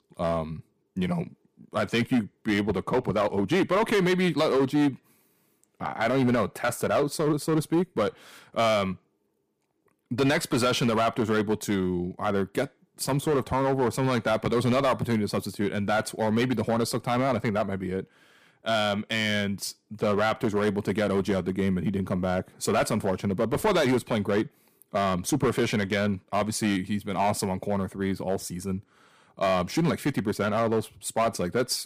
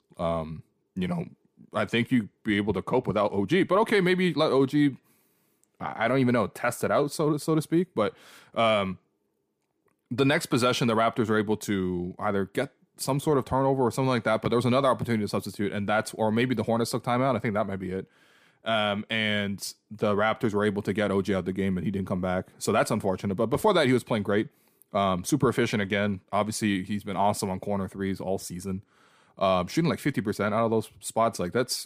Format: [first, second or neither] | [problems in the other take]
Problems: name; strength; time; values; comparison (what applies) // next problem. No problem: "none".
second | distortion; slight; 7% of the sound clipped